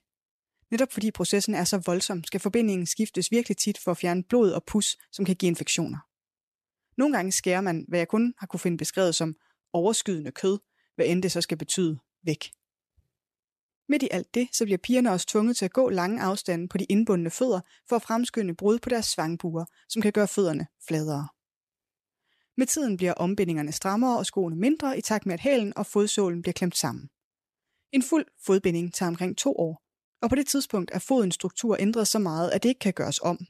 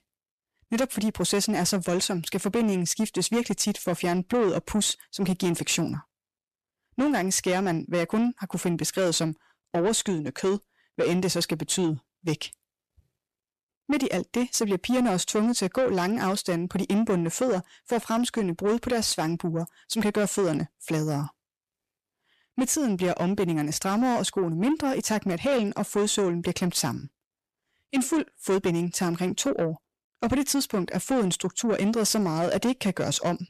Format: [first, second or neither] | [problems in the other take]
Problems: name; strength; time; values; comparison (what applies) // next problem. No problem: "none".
first | distortion; slight; 10 dB below the speech